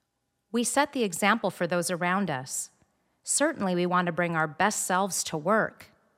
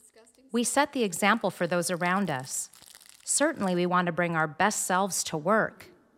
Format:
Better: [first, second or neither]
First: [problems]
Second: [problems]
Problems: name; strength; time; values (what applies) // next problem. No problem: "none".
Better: first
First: none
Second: household noises; faint; throughout; 25 dB below the speech